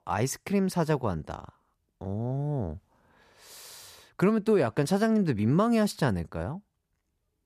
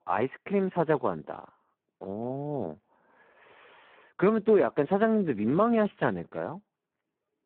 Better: first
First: none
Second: phone-call audio; poor line

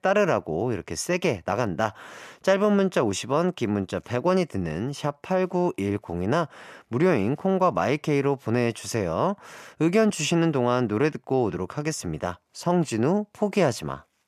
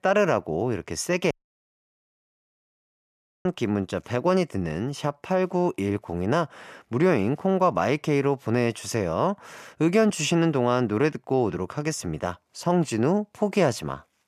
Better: first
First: none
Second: audio cutting out; at 1.5 s for 2 s

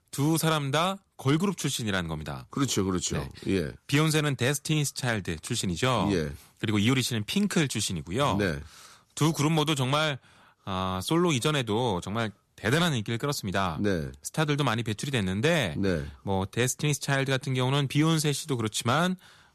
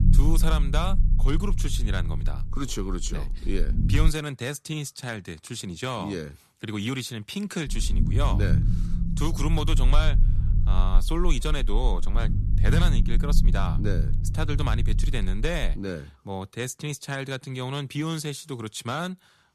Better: first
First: none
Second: low rumble; loud; until 4 s and from 7.5 to 16 s; 9 dB below the speech

